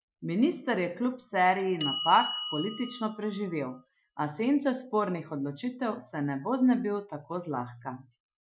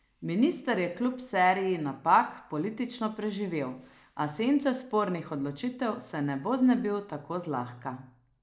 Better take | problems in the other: second | noise reduction (classical method Wiener filter)

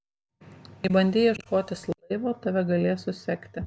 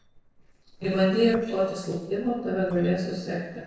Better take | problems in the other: first | noise reduction (neural separator model SepFormer DNS4)

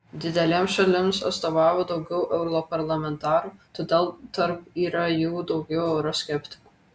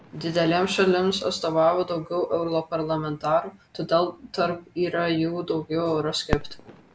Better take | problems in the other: first | background sound (Fireworks); 15 dB below the speech

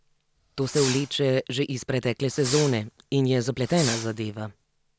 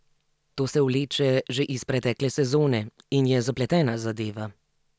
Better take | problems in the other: second | background sound (Fireworks); 10 dB below the speech

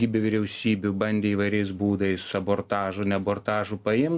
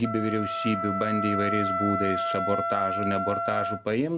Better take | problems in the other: first | background sound (Wind instrument, woodwind instrument); 1 dB below the speech

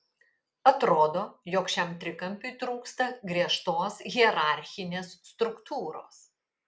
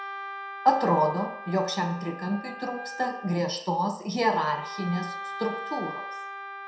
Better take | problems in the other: first | background sound (Wind instrument, woodwind instrument); 10 dB below the speech // room echo; dies away in 0.5 s

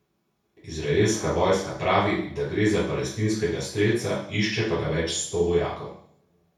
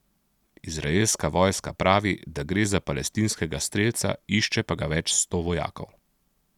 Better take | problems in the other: second | room echo; dies away in 0.6 s

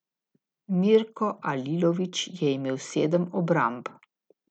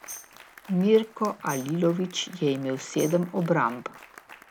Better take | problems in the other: first | background sound (Applause + Tambourine); 19 dB below the speech

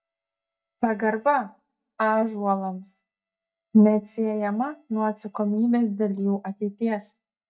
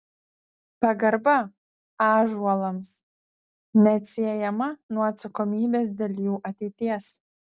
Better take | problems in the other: second | noise reduction (neural mask model DeepFilterNet 3)

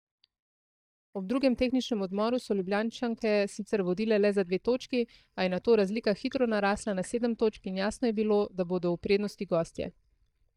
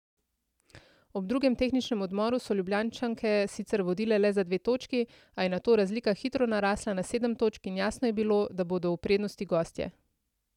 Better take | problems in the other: second | noise reduction (neural mask model DeepFilterNet 3)

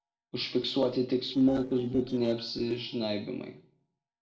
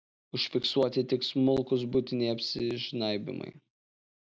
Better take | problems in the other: second | noise reduction (neural separator model SepFormer DNS4)

